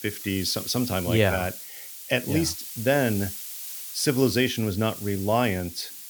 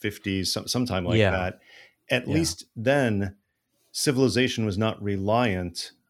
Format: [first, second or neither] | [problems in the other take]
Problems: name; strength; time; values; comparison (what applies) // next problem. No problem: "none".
second | hiss; loud; throughout; 9 dB below the speech